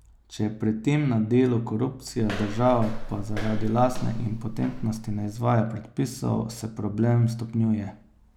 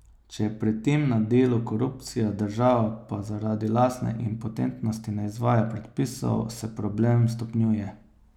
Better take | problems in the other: second | background sound (Walk, footsteps); 5 dB below the speech

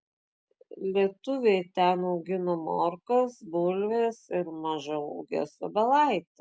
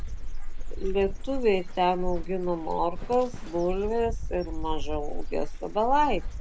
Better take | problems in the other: first | background sound (Bird / Dog + Livestock, farm animals, working animals); 1 dB below the speech

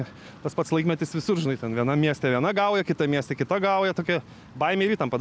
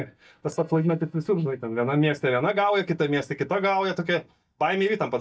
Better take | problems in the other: first | noise reduction (neural mask model DeepFilterNet 3)

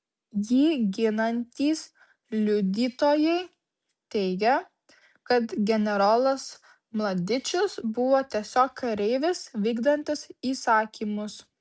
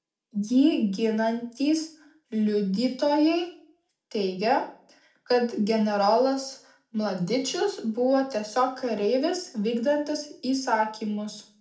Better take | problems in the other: first | room echo; dies away in 0.4 s

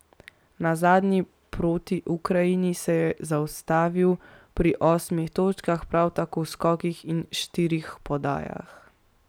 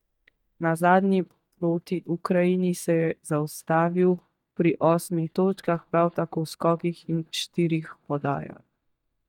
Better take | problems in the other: first | noise reduction (neural mask model DeepFilterNet 3)

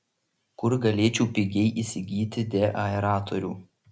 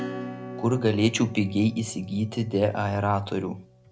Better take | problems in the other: first | background sound (Acoustic guitar / Strum); 14 dB below the speech

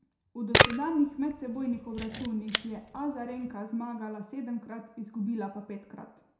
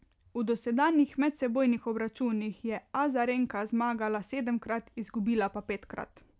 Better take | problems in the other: second | background sound (Camera); 3 dB above the speech // room echo; dies away in 0.6 s

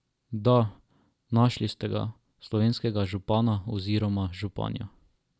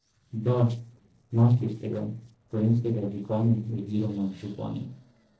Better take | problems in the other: first | noise reduction (neural separator model SepFormer DNS4)

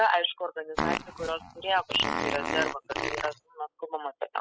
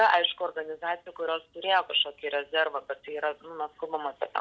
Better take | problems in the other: second | noise reduction (classical method spectral subtraction)

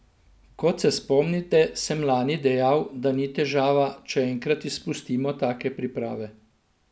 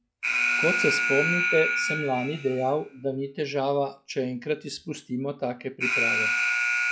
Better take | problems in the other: first | noise reduction (classical method log-MMSE)

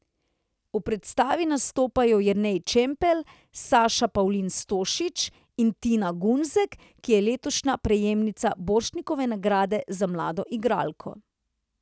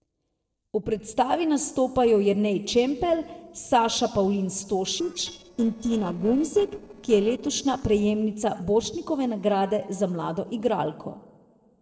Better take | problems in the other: first | noise reduction (neural separator model SepFormer DNS4)

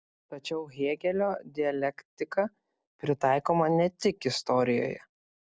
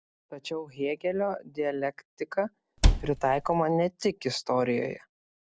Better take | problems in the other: first | background sound (Cupboard open or close); 5 dB above the speech

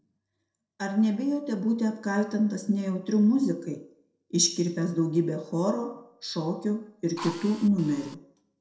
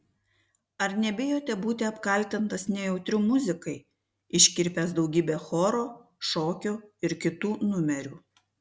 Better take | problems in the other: second | noise reduction (neural separator model SepFormer DNS4)

